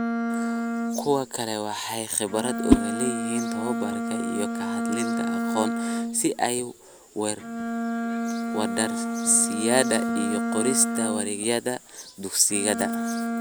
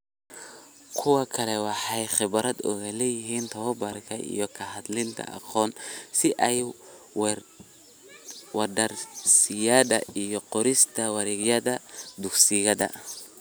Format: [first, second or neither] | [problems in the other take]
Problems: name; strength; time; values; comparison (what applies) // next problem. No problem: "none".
second | background sound (Whoosh, swoosh, swish + Bowed string instrument); as loud as the speech